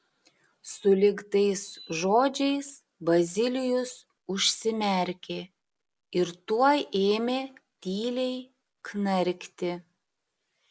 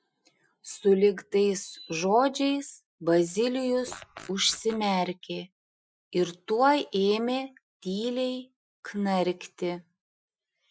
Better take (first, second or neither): first